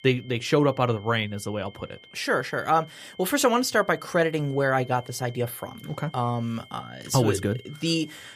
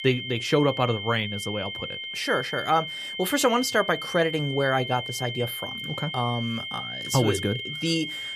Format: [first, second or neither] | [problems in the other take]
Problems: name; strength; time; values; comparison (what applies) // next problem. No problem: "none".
first | high-pitched whine; loud; throughout; 3 kHz, 6 dB below the speech; faint in the first